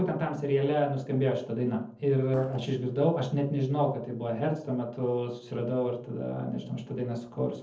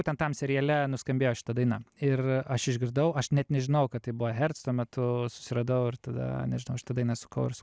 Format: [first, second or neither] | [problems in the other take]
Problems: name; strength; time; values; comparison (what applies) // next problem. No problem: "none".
second | noise reduction (neural separator model SepFormer DNS4)